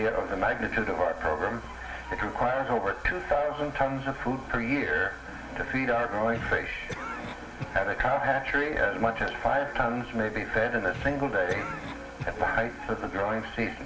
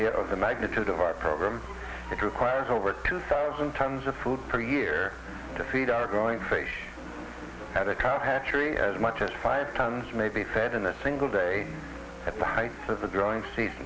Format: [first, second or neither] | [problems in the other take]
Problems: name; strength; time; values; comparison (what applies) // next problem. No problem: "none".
second | background sound (Cough); 14 dB below the speech // room echo; dies away in 0.4 s